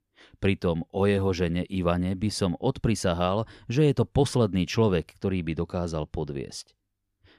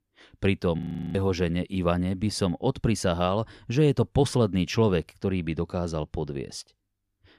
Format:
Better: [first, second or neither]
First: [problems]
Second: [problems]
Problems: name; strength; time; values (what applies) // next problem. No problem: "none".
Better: first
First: none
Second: audio freezing; at 1 s